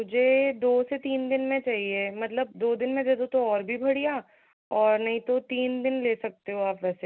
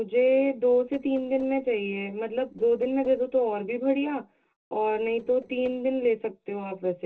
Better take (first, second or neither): first